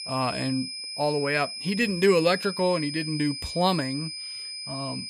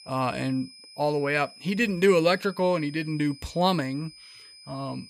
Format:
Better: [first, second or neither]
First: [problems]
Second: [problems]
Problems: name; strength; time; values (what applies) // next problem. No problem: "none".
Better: second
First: high-pitched whine; loud; throughout; 5 kHz, 7 dB below the speech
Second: high-pitched whine; faint; throughout; 5 kHz, 20 dB below the speech